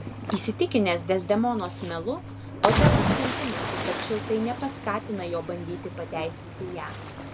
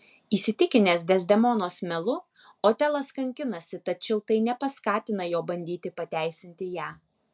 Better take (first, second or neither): second